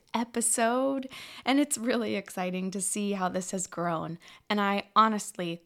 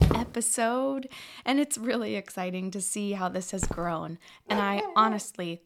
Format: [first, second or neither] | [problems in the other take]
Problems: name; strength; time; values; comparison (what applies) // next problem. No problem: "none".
first | footsteps; loud; at the start; peak 3 dB above the speech // footsteps; noticeable; at 3.5 s; peak 8 dB below the speech // dog barking; noticeable; at 4.5 s; peak 4 dB below the speech